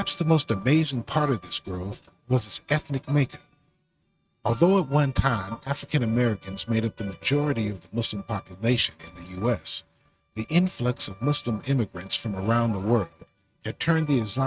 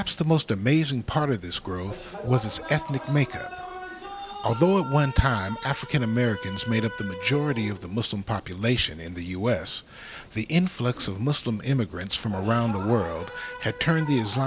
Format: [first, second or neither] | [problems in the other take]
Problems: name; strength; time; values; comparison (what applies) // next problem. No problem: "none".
second | noise reduction (neural mask model RNNoise)